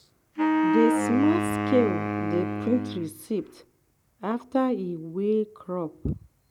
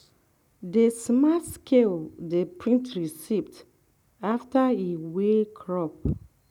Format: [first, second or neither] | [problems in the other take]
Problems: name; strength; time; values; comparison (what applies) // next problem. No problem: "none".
second | background sound (Wind instrument, woodwind instrument); 1 dB above the speech